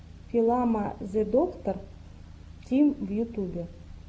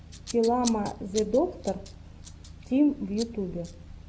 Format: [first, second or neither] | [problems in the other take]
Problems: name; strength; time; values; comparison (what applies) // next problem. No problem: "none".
first | background sound (Scissors); 17 dB below the speech